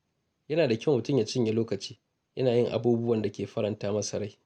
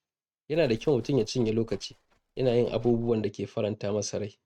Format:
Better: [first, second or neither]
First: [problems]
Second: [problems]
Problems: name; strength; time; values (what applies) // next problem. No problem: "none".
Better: first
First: none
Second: noise reduction (neural mask model RNNoise)